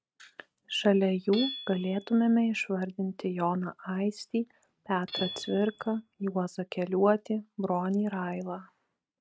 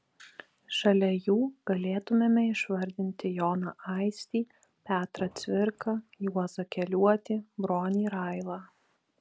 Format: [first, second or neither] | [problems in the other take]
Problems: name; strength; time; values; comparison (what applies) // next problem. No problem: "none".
second | noise reduction (neural mask model RNNoise)